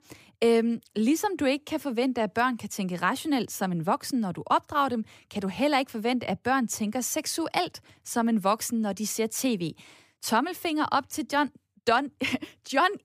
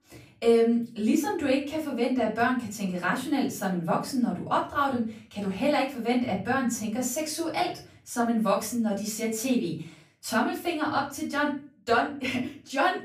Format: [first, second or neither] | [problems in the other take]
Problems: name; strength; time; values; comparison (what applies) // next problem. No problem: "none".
first | off-mic speech; far // room echo; slight; dies away in 0.4 s